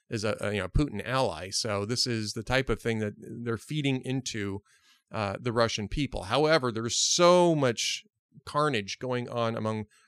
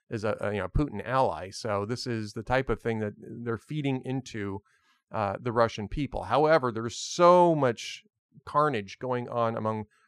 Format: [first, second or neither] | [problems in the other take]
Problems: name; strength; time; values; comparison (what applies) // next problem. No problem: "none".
first | muffled; slightly; fading above 2.5 kHz